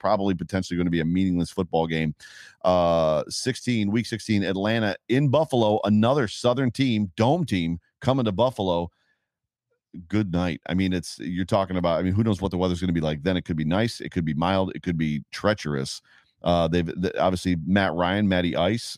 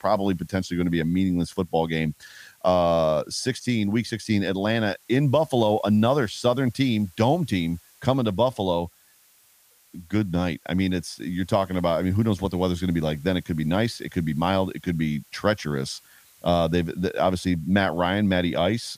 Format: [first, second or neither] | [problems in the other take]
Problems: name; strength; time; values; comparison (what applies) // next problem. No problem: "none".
first | hiss; faint; throughout; 30 dB below the speech